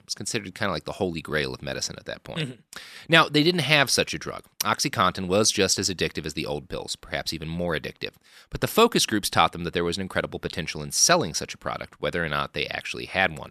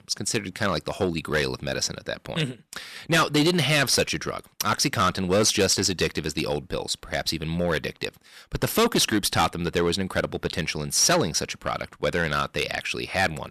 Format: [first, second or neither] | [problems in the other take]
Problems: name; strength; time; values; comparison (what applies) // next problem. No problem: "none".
first | distortion; heavy; 6% of the sound clipped